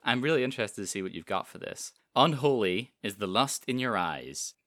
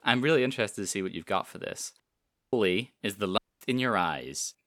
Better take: first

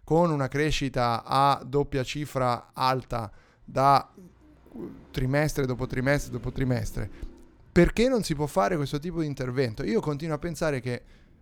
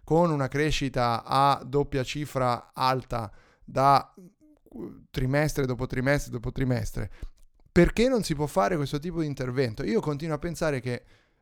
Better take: second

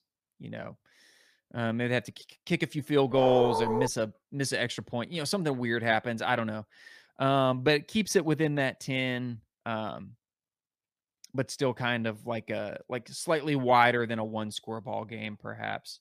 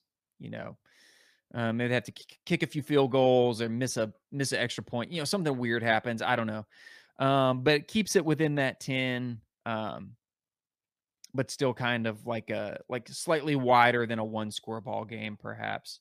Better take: second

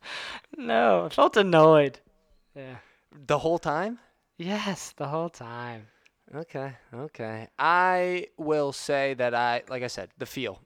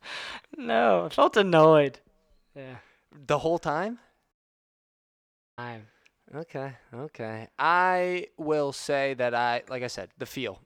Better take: first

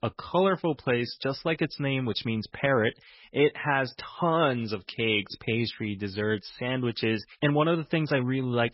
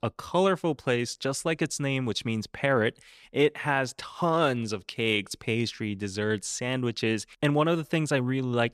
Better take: second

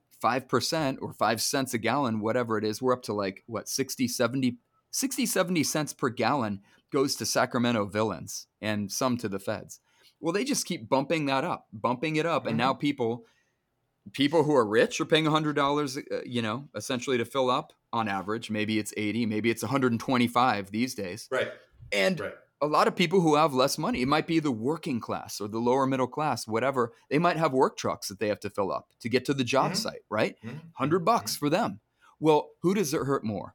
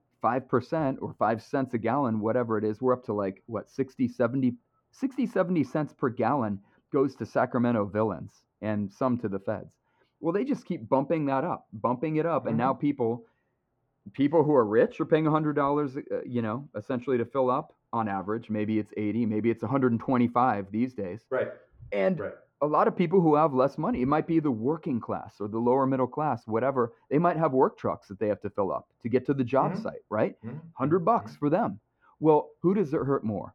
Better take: first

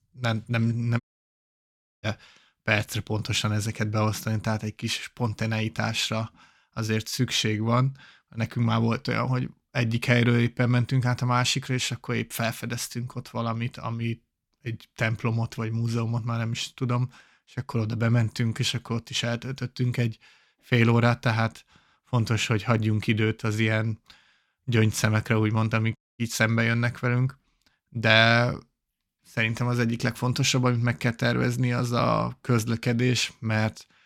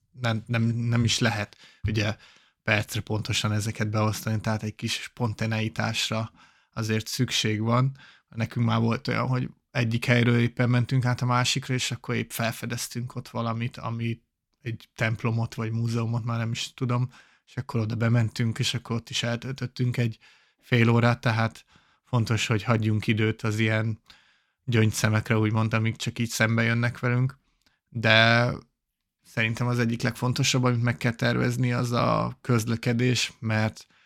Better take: second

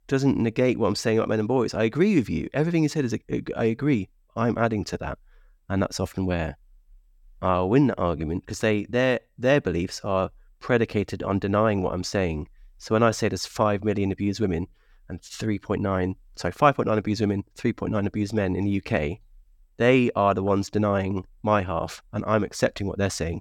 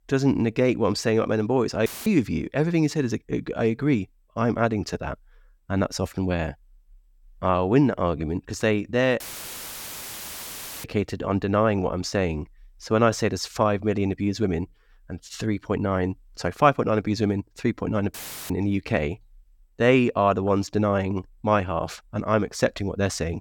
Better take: first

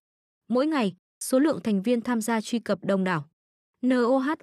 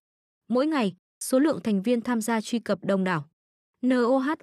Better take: neither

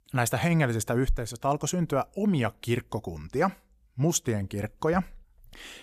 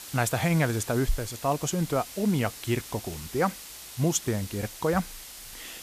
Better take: first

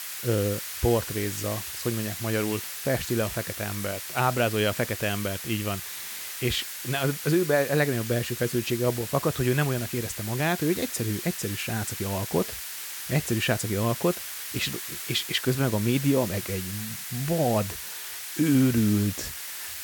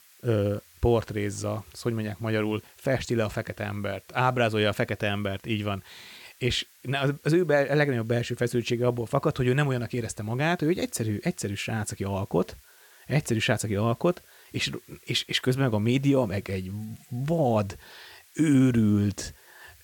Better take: second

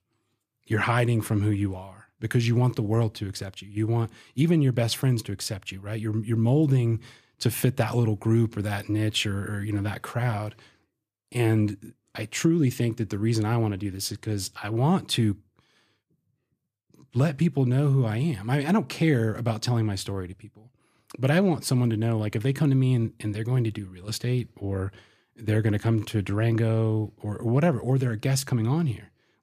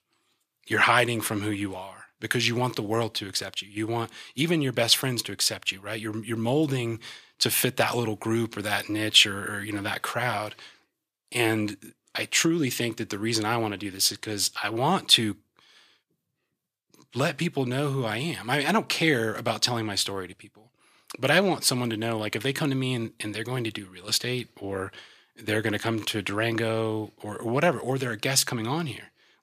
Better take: first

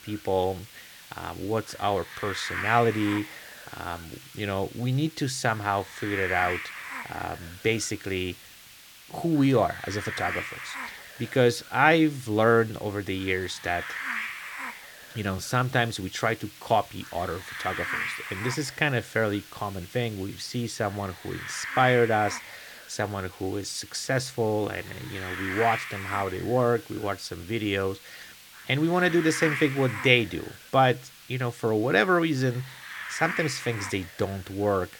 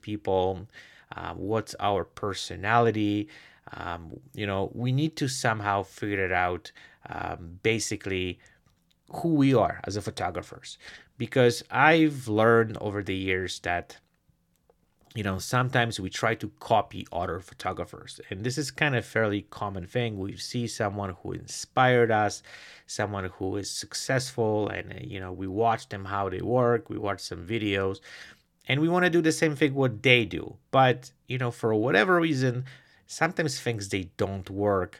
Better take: second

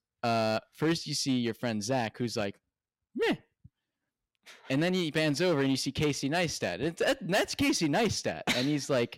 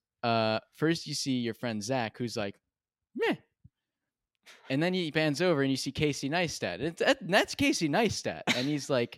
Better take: second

